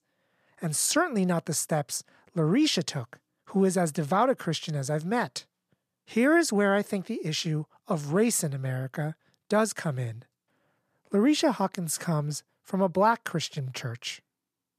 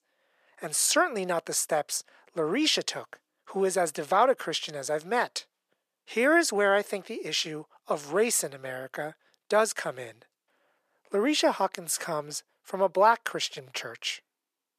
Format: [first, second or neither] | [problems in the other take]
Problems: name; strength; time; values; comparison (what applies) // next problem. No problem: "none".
first | thin; somewhat; fading below 450 Hz